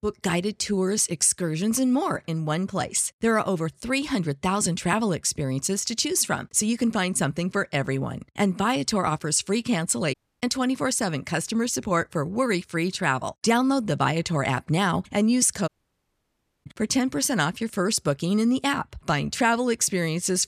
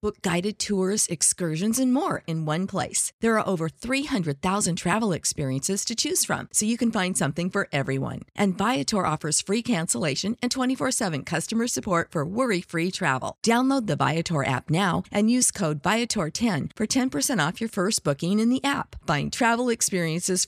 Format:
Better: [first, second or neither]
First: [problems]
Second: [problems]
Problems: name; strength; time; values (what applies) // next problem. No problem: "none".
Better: second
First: audio cutting out; at 10 s and at 16 s for 1 s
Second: none